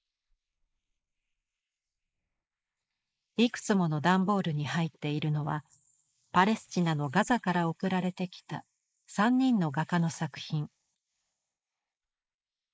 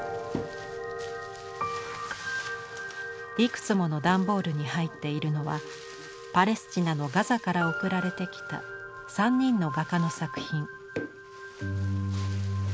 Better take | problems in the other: second | noise reduction (neural mask model Resemble Enhance denoiser)

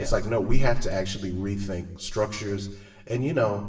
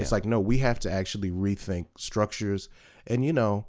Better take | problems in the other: second | room echo; dies away in 0.9 s

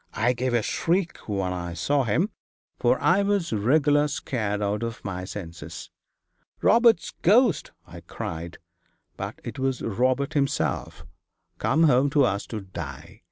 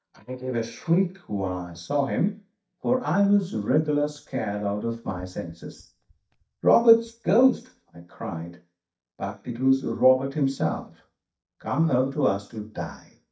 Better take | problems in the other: first | noise reduction (neural mask model DeepFilterNet 3)

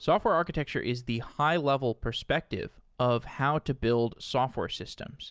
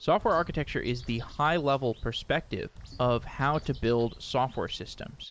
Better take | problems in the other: first | background sound (Bird); 17 dB below the speech

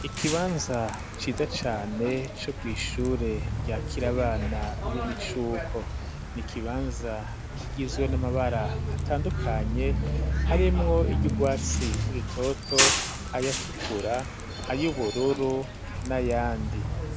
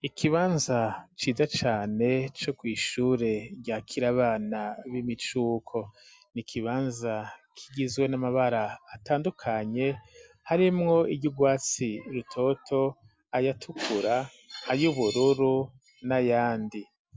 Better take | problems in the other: second | background sound (Bus); 1 dB above the speech

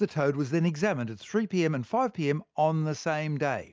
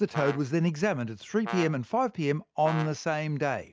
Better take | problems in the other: first | background sound (Brass instrument); 13 dB below the speech

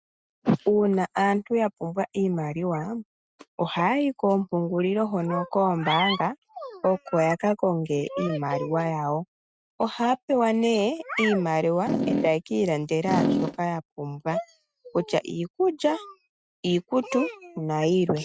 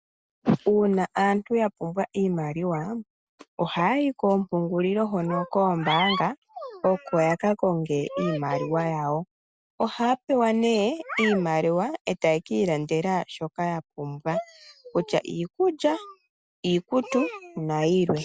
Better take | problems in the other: second | noise reduction (neural mask model RNNoise)

